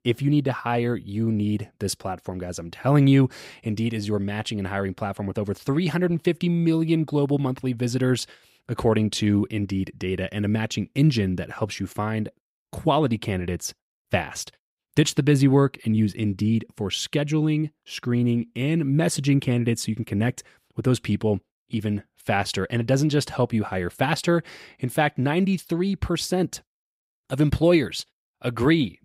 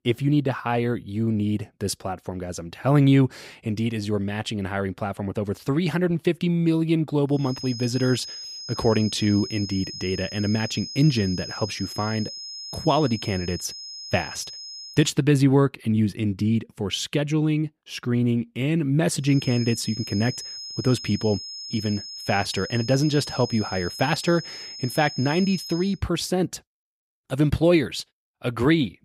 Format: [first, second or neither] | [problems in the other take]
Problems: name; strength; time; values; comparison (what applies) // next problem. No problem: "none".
first | high-pitched whine; loud; from 7.5 to 15 s and from 19 to 26 s; 5 kHz, 10 dB below the speech